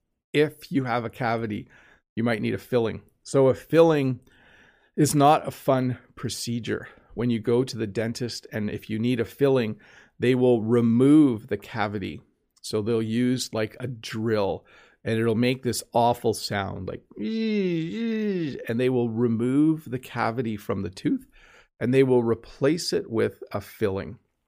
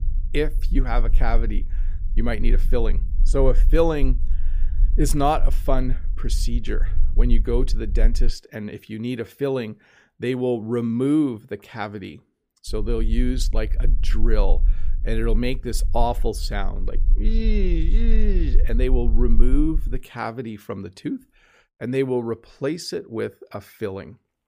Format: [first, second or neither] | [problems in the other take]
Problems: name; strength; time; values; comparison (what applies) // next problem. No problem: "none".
first | low rumble; faint; until 8.5 s and from 13 to 20 s; 20 dB below the speech